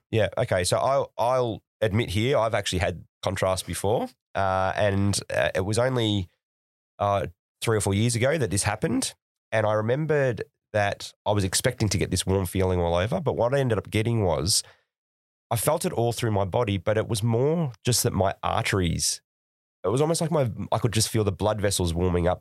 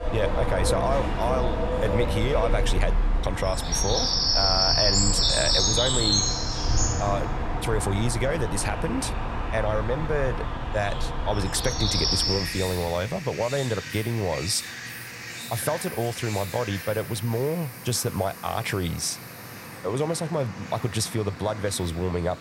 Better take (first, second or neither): first